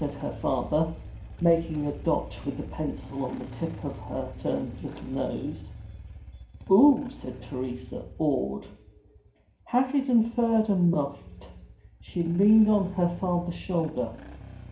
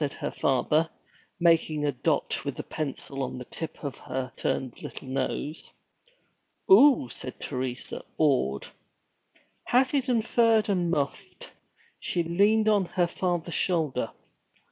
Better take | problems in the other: second | background sound (Engine starting / Motorcycle); 15 dB below the speech // room echo; dies away in 0.5 s

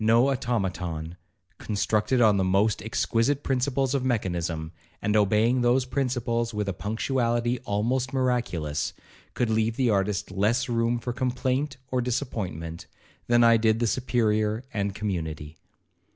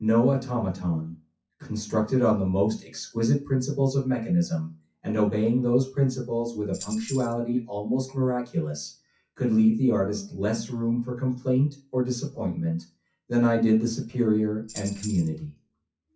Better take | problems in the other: first | noise reduction (classical method WPE with log-MMSE)

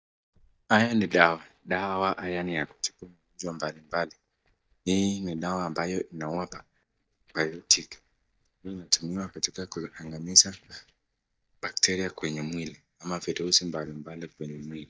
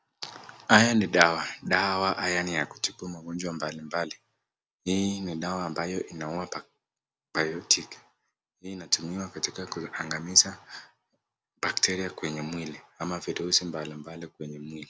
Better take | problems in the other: second | noise reduction (neural mask model DeepFilterNet 3)

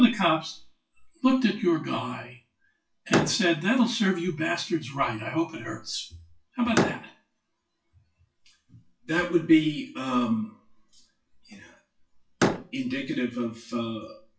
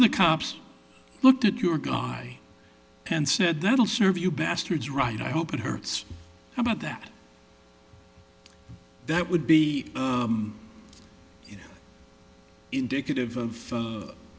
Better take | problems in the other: second | noise reduction (classical method WPE with log-MMSE)

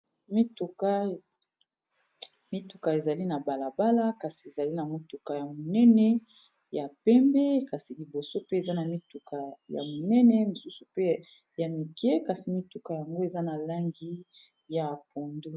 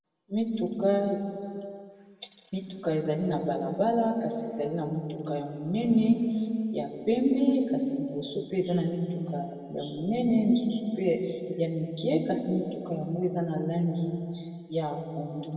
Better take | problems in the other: first | room echo; dies away in 2.3 s

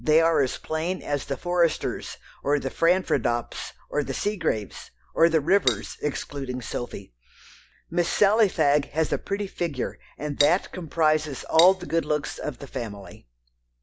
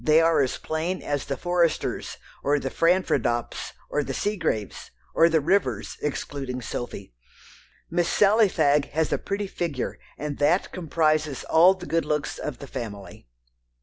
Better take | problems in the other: second | background sound (Cutlery, silverware); 8 dB below the speech

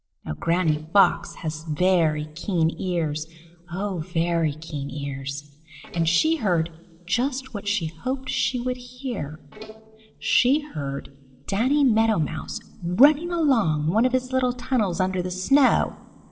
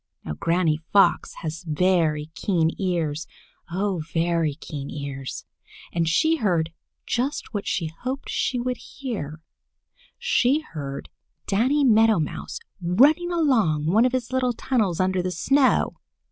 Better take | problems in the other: second | noise reduction (neural separator model SepFormer DNS4)

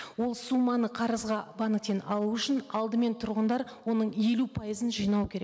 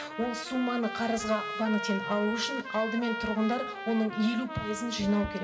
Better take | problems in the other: first | background sound (Trumpet); 7 dB below the speech // room echo; dies away in 0.2 s

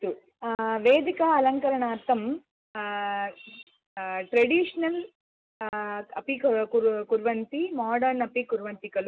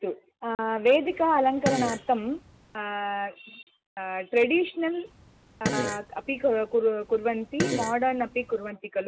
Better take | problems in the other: first | background sound (Fart); 8 dB below the speech

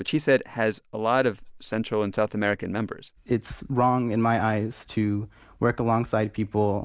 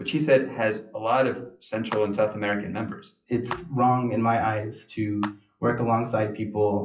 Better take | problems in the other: first | noise reduction (classical method WPE with log-MMSE)

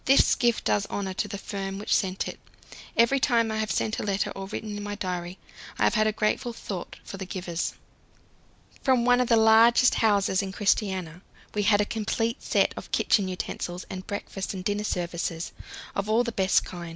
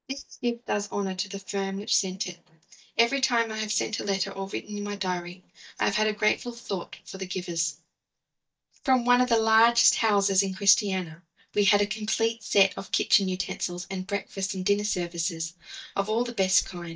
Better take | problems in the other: first | noise reduction (neural mask model DeepFilterNet 3)

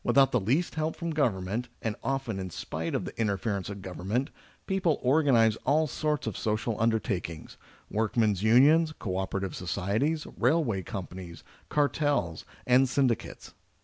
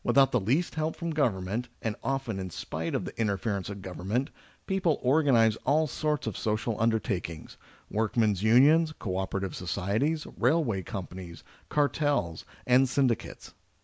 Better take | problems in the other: second | background sound (Brass instrument); 20 dB below the speech

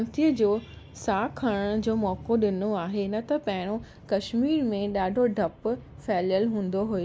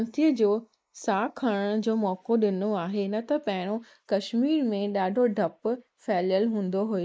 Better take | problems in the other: first | noise reduction (neural mask model Resemble Enhance denoiser)

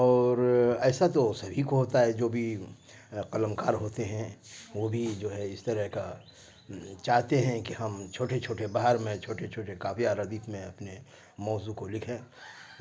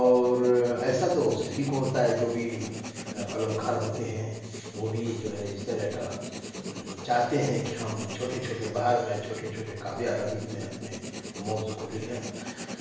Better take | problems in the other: first | background sound (Writing); 11 dB below the speech // room echo; dies away in 0.9 s

